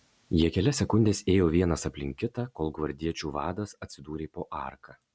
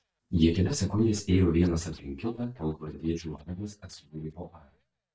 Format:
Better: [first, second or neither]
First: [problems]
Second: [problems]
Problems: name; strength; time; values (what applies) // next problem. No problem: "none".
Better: first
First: none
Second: noise reduction (neural mask model DeepFilterNet 3)